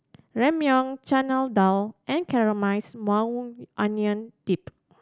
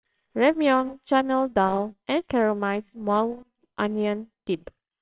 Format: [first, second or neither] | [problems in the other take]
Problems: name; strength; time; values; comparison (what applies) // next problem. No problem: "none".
first | noise reduction (neural separator model SepFormer WHAMR!)